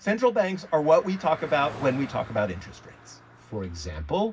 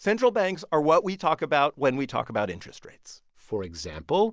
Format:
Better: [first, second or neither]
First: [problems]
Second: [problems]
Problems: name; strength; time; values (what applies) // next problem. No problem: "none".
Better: second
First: background sound (Car passing by); 18 dB below the speech // room echo; dies away in 0.4 s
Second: none